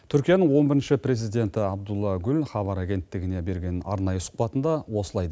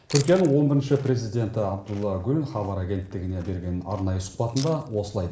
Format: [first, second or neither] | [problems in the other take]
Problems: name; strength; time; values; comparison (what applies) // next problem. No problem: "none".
first | background sound (Chewing, mastication); 19 dB below the speech // room echo; dies away in 0.9 s